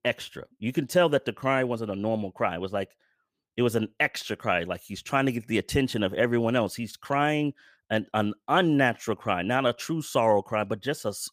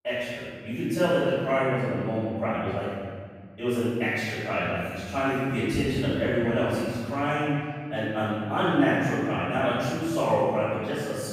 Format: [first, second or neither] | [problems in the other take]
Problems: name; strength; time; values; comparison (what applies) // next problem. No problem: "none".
first | off-mic speech; far // room echo; strong; dies away in 2 s